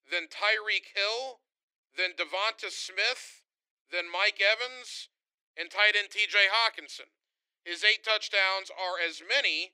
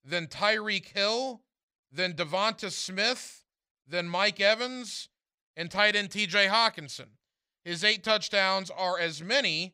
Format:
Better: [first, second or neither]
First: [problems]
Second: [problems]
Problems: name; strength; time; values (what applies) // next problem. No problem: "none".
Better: second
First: thin; very; fading below 300 Hz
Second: none